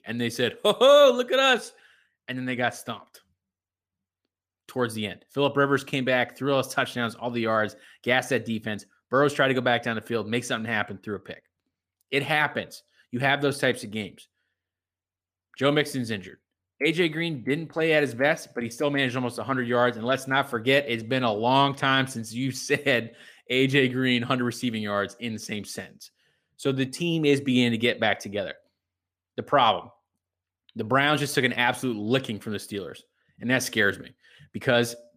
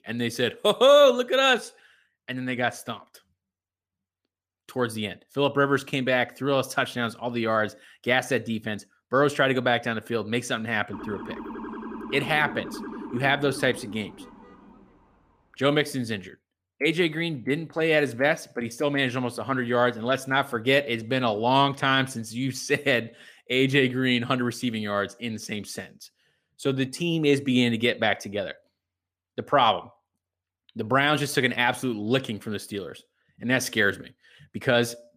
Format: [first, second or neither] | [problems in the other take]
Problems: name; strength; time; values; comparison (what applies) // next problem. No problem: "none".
first | siren; faint; from 11 to 15 s; peak 10 dB below the speech